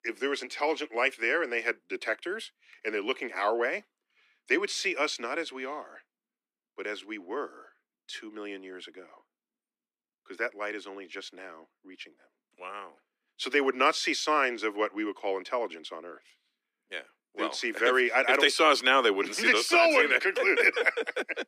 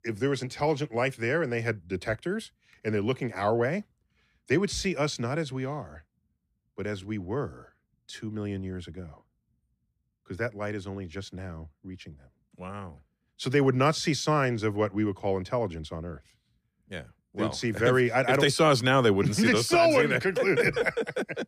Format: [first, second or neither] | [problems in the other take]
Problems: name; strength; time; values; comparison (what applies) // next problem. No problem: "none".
second | thin; somewhat; fading below 300 Hz